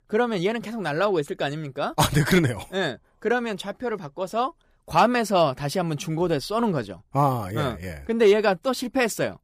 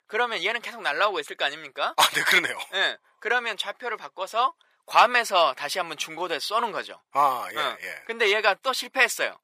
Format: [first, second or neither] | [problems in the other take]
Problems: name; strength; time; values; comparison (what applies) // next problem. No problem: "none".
first | thin; very; fading below 700 Hz